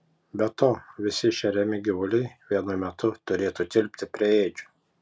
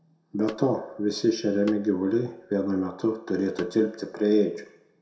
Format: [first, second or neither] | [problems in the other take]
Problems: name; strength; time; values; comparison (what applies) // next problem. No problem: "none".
first | background sound (Tabla); 17 dB below the speech // room echo; dies away in 0.6 s